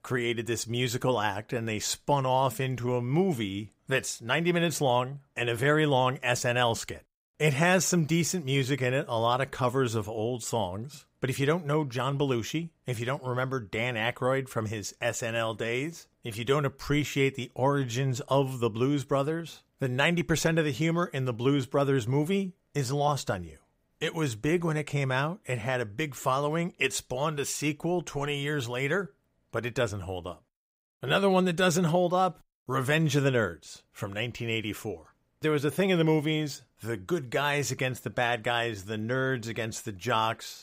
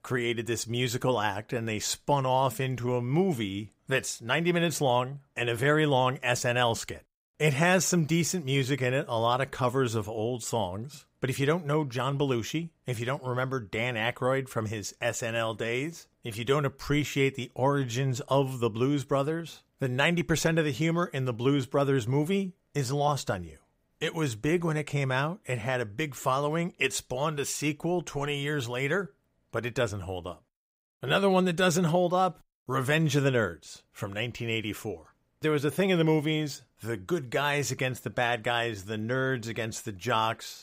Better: neither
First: none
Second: none

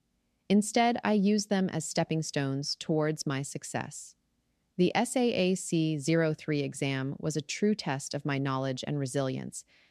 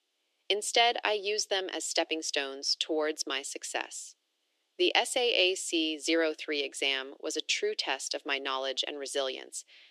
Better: first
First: none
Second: thin; very; fading below 350 Hz

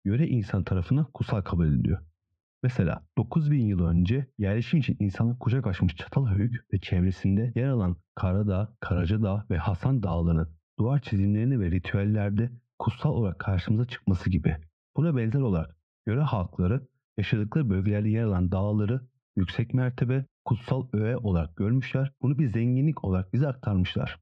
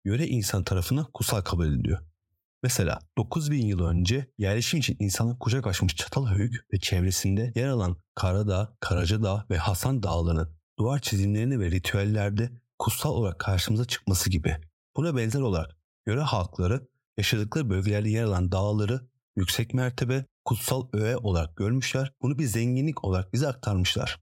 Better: second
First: muffled; very; fading above 2.5 kHz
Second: none

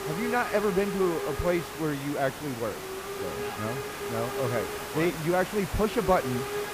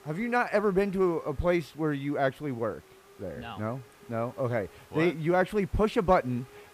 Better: second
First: hiss; loud; throughout; 5 dB below the speech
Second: hiss; faint; throughout; 25 dB below the speech

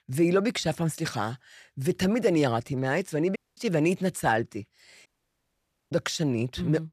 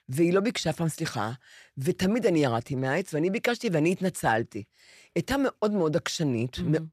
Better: second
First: audio cutting out; at 3.5 s and at 5 s for 1 s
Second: none

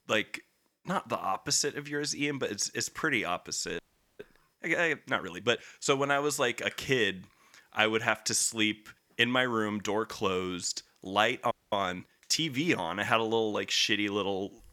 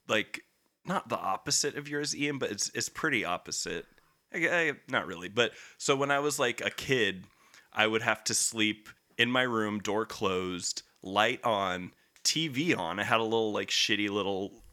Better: second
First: audio freezing; at 4 s and at 12 s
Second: none

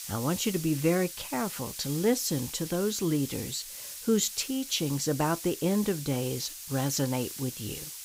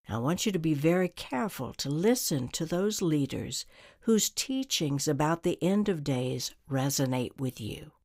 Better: second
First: hiss; loud; throughout; 9 dB below the speech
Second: none

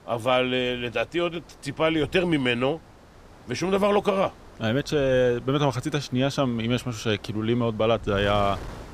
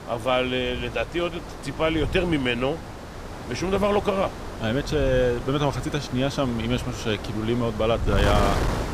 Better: first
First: wind noise on the microphone; occasional gusts; 20 dB below the speech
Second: wind noise on the microphone; heavy; 9 dB below the speech

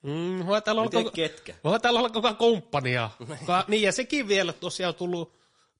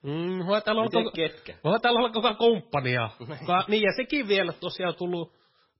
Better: first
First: garbled, watery; slightly; nothing above 10.5 kHz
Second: garbled, watery; badly; nothing above 5.5 kHz

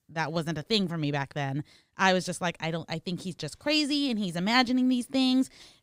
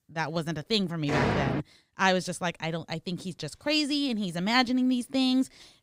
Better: first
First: none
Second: door banging; loud; at 1 s; peak 1 dB above the speech

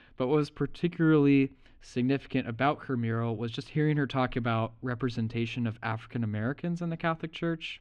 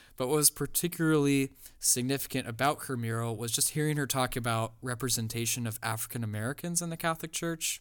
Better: second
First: muffled; very; fading above 3 kHz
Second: none

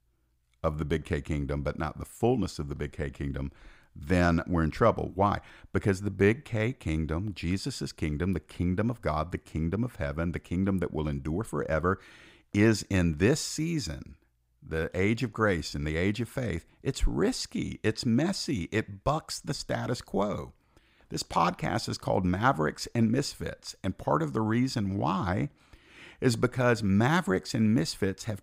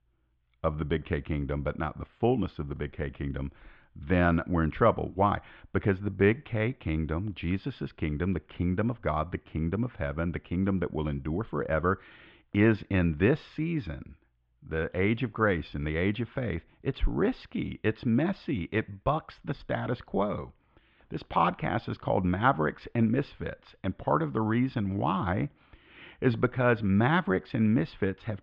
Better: first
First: none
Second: muffled; very; fading above 3.5 kHz

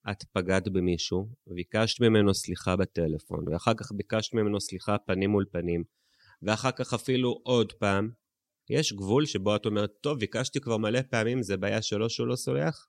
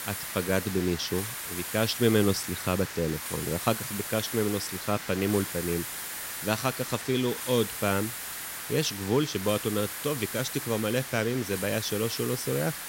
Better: first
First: none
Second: hiss; loud; throughout; 5 dB below the speech

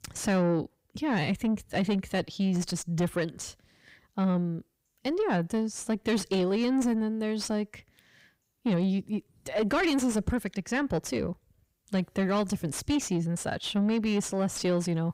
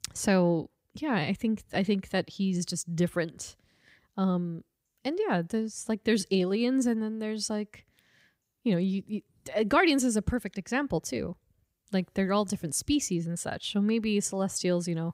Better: second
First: distortion; slight; 10 dB below the speech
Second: none

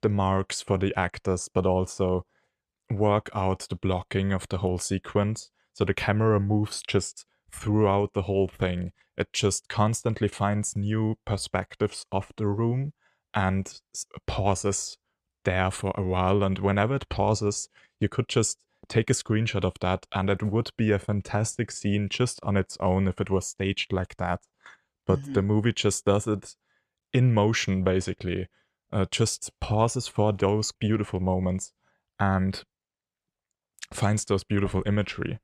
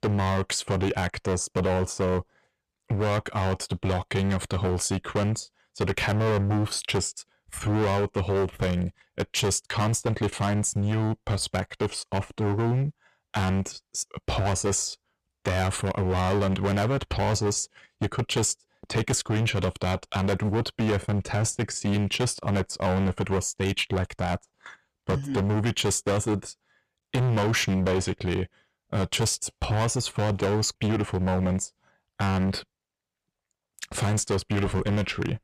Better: first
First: none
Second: distortion; heavy; 18% of the sound clipped

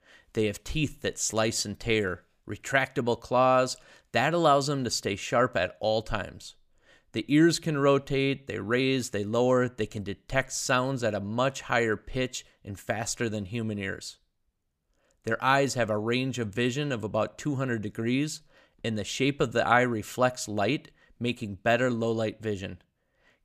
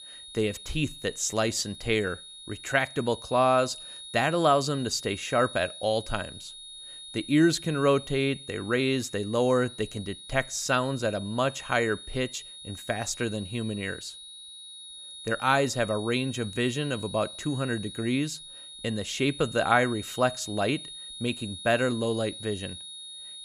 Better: first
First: none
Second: high-pitched whine; noticeable; throughout; 3.5 kHz, 15 dB below the speech

